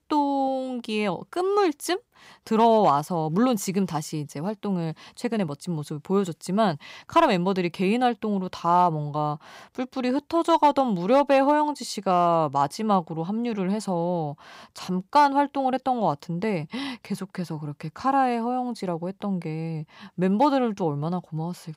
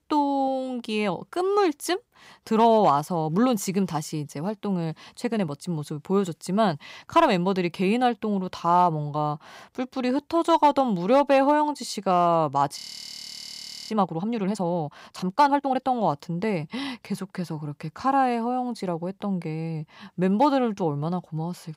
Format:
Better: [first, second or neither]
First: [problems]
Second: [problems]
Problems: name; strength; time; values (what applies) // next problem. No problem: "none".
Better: first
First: none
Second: audio freezing; at 13 s for 1 s